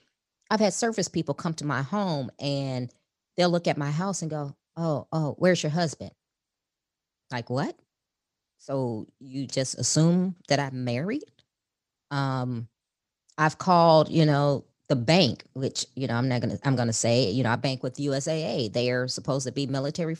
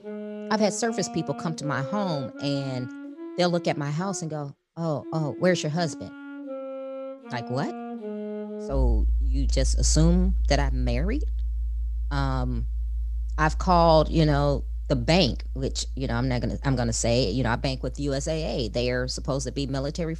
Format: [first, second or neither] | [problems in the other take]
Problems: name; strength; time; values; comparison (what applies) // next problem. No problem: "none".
first | background music; loud; throughout; 6 dB below the speech